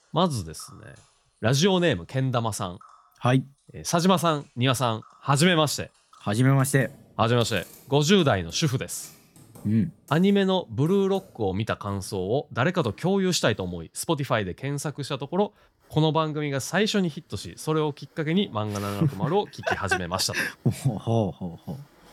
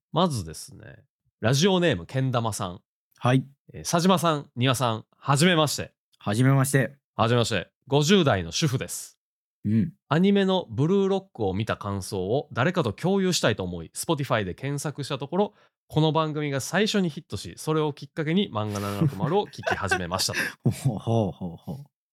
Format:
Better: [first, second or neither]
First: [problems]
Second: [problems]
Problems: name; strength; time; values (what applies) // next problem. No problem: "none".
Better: second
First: household noises; faint; throughout; 30 dB below the speech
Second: none